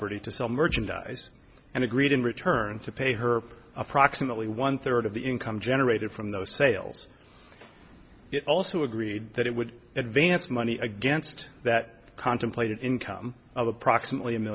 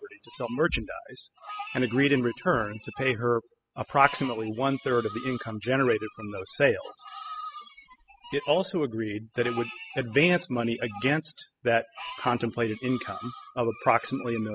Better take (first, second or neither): first